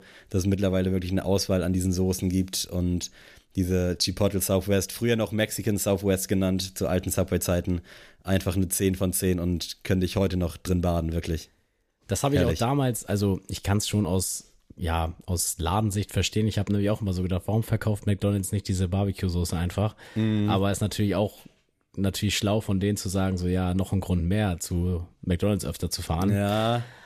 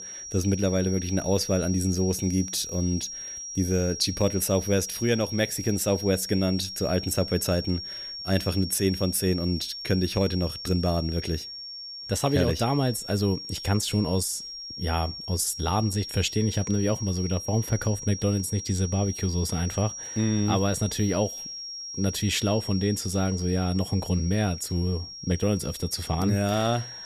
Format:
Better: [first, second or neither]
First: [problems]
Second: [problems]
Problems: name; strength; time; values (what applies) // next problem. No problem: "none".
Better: first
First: none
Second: high-pitched whine; loud; throughout; 5.5 kHz, 8 dB below the speech